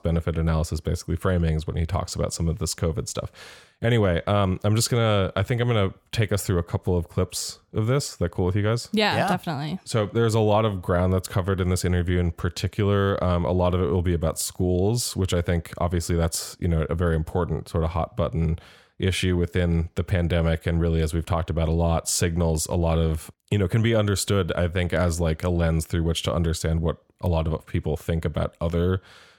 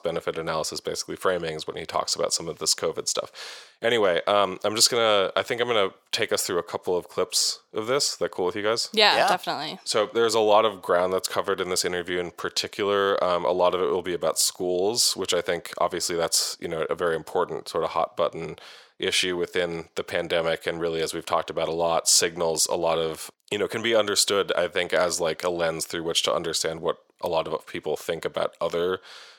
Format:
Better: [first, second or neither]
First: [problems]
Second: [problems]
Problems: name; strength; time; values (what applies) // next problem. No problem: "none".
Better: first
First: none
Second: thin; very; fading below 450 Hz